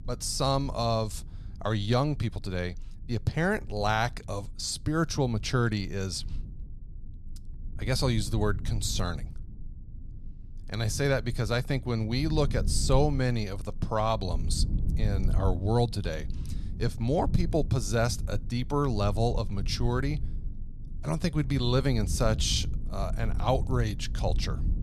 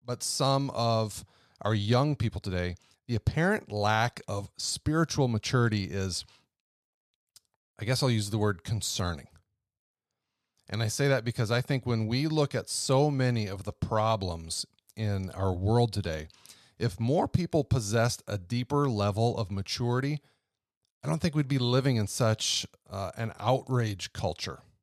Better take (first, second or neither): second